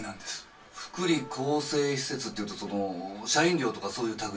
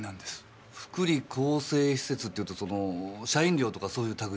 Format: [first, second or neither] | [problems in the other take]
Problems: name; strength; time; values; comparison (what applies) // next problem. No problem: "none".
second | background sound (Wind instrument, woodwind instrument); 17 dB below the speech // room echo; dies away in 0.2 s